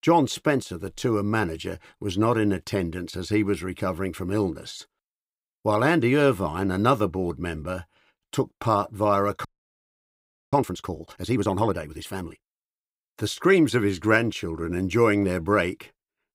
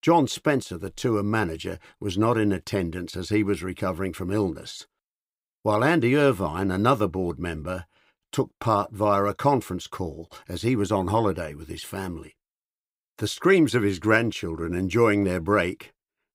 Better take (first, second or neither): second